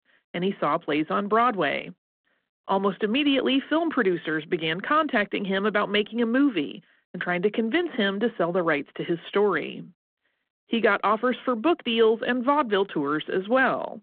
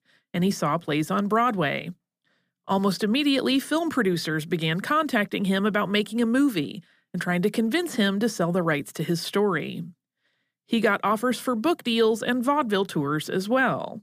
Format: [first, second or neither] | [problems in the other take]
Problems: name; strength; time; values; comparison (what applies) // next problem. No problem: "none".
second | phone-call audio